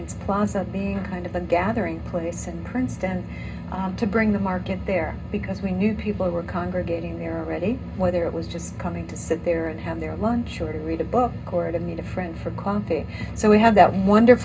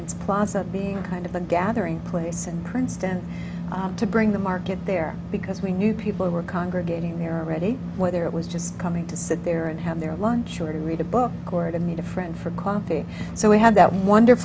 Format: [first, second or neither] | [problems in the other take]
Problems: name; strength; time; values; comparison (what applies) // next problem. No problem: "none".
second | room echo; dies away in 0.2 s